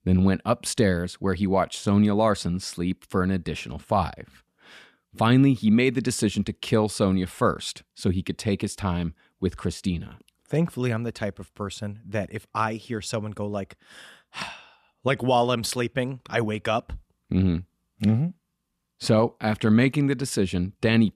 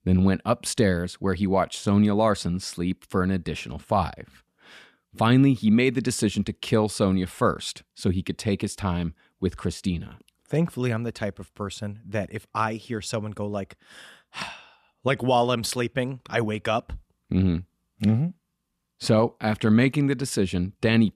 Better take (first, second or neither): neither